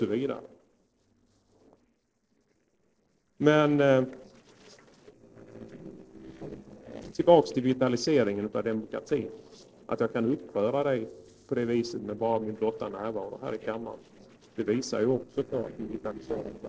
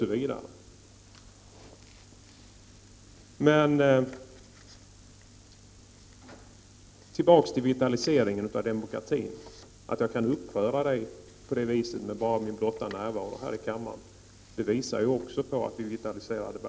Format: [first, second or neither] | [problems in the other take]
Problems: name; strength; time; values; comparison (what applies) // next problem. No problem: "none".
second | noise reduction (neural separator model SepFormer DNS4)